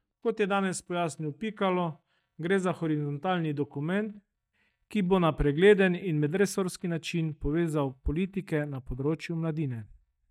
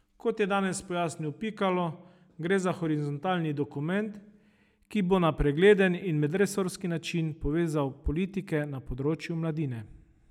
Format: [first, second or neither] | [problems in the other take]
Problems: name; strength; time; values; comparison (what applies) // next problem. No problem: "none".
second | noise reduction (neural mask model DeepFilterNet 3)